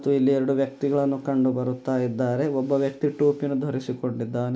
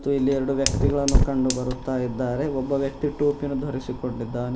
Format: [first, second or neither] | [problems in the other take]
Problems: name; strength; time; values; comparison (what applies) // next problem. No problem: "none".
first | background sound (Fire); 2 dB below the speech